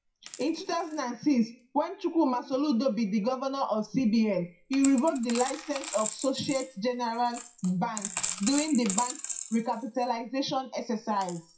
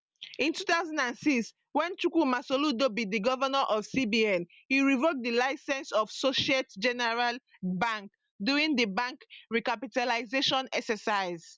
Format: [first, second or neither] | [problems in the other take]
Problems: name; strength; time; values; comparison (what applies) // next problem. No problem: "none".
second | noise reduction (classical method WPE with log-MMSE)